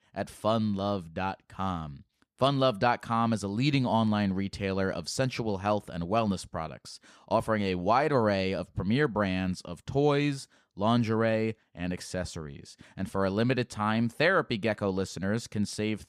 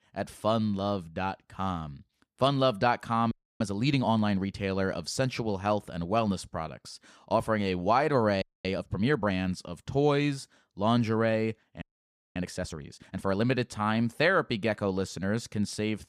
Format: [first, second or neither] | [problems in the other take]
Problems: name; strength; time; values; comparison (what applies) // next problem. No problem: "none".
first | audio freezing; at 3.5 s, at 8.5 s and at 12 s for 0.5 s